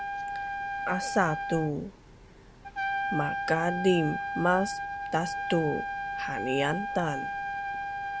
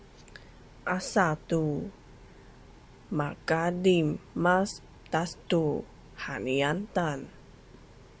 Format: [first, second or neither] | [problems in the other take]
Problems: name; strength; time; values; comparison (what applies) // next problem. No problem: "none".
second | background sound (Trumpet); 3 dB below the speech